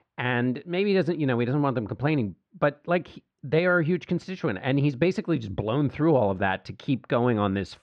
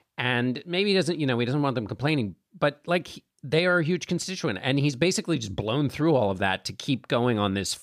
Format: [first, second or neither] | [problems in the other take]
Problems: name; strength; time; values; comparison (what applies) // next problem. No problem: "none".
second | muffled; slightly; fading above 2 kHz